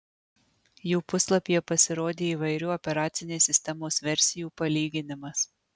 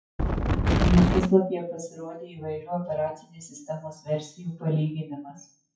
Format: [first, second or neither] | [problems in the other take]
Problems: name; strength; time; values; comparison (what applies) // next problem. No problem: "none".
first | noise reduction (classical method WPE with log-MMSE)